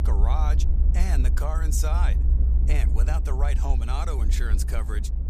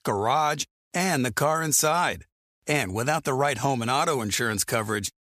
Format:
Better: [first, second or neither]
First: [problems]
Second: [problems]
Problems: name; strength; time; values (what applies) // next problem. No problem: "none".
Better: second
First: low rumble; loud; throughout; 8 dB below the speech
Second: none